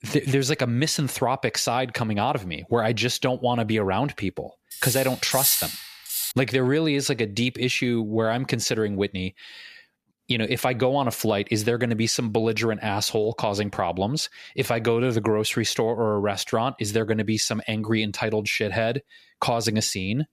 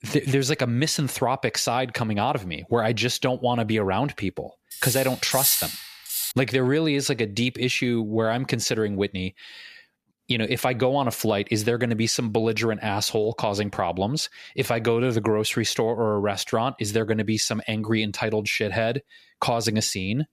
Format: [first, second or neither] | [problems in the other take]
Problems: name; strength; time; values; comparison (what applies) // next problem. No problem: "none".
neither | clattering dishes; loud; from 4.5 to 6.5 s; peak 4 dB above the speech; the same in both